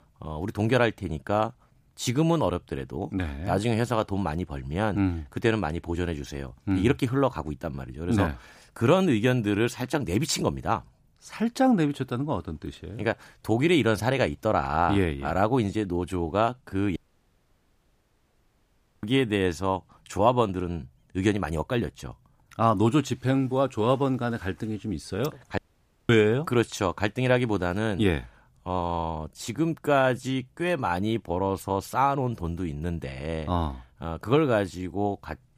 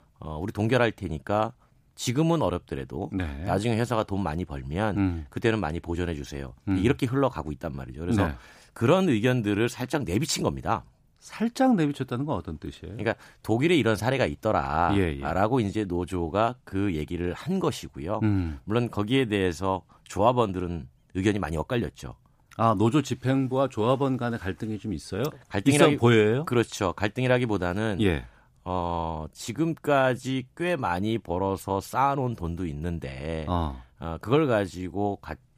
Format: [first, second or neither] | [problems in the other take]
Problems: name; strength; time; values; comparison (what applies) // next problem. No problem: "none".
second | audio cutting out; at 17 s for 2 s and at 26 s for 0.5 s